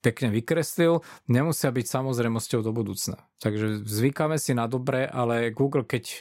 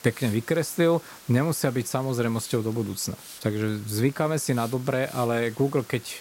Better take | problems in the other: first | hiss; noticeable; throughout; 20 dB below the speech

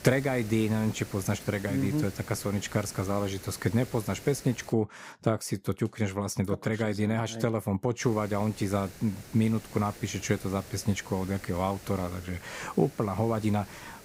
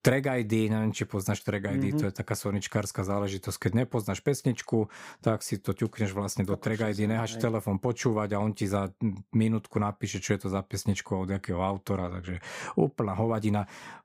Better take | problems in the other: second | hiss; noticeable; until 4.5 s and from 8 s on; 15 dB below the speech

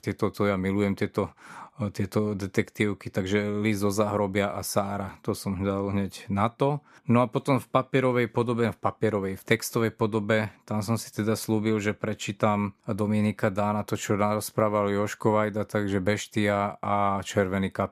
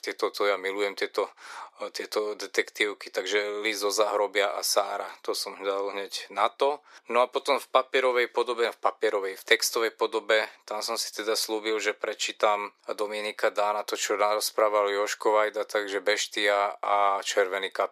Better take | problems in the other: first | thin; very; fading below 400 Hz

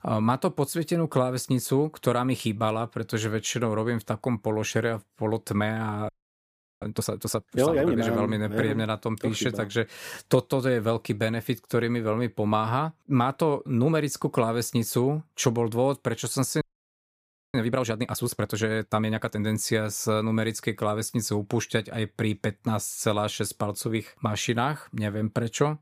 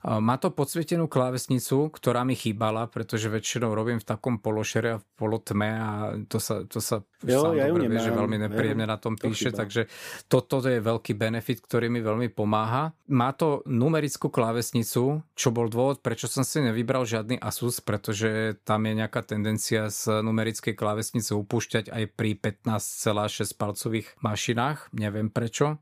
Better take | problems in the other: second | audio freezing; at 6 s for 0.5 s and at 17 s for 1 s

